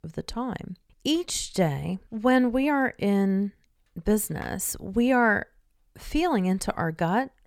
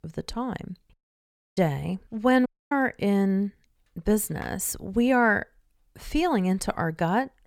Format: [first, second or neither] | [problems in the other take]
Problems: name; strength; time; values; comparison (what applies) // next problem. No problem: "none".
first | audio cutting out; at 1 s for 0.5 s and at 2.5 s